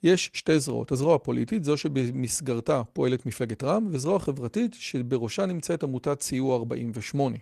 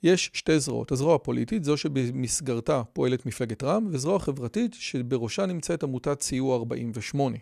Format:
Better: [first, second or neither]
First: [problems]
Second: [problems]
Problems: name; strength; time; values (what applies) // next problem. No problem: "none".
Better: second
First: garbled, watery; slightly; nothing above 14.5 kHz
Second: none